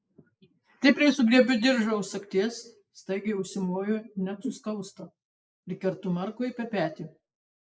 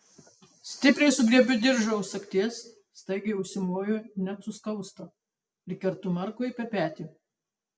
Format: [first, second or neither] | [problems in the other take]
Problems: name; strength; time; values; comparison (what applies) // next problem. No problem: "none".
second | noise reduction (neural mask model Resemble Enhance denoiser)